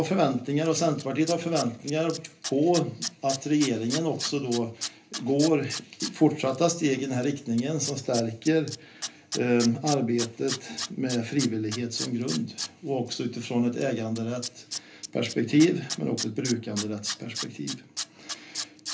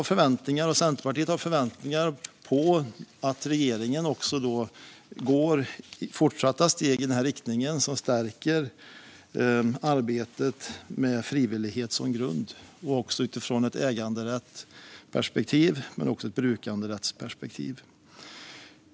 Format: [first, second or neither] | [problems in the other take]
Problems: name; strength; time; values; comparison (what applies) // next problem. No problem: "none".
second | background sound (Tools); 11 dB below the speech // room echo; dies away in 0.3 s